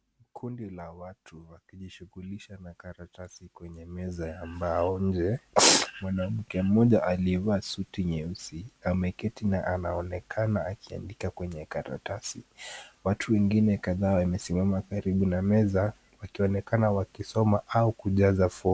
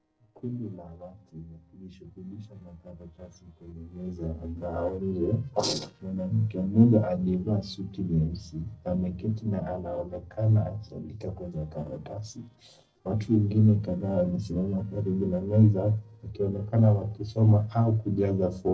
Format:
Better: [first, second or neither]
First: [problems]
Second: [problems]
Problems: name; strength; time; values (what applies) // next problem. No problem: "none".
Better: first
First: none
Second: noise reduction (neural separator model SepFormer DNS4)